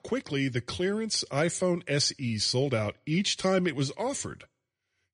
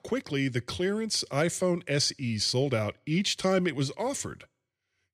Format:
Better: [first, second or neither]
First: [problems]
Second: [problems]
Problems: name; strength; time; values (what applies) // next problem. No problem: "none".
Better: second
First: garbled, watery; slightly; nothing above 10 kHz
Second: none